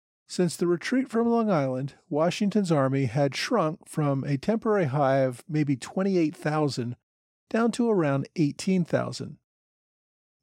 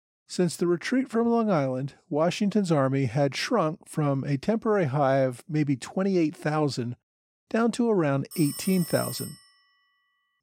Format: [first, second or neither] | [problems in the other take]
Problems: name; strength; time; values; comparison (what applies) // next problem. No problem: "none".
first | phone ringing; noticeable; from 8.5 to 9.5 s; peak 8 dB below the speech